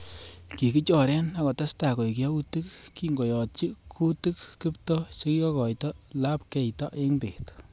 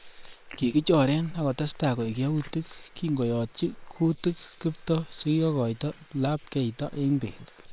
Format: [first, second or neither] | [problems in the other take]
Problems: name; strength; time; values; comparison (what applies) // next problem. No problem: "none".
first | noise reduction (neural separator model SepFormer WHAM!)